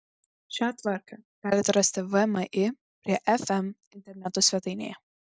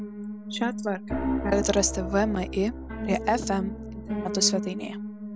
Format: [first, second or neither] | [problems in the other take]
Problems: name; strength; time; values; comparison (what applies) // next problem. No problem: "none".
first | background sound (Piano); 4 dB below the speech